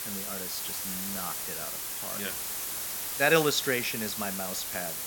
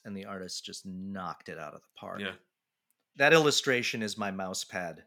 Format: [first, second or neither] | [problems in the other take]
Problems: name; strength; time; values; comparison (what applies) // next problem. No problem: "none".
second | hiss; loud; throughout; 2 dB below the speech